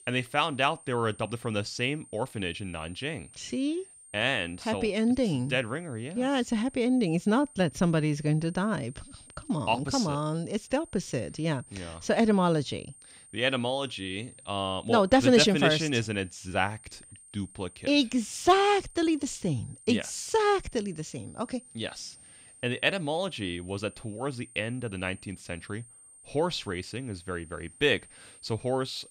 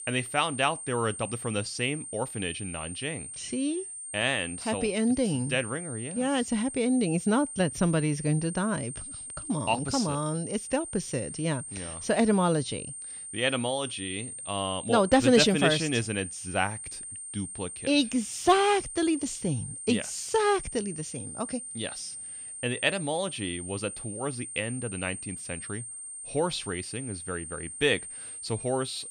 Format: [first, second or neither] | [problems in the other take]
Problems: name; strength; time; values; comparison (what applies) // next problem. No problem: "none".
first | high-pitched whine; loud; throughout; 8.5 kHz, 9 dB below the speech; faint in the first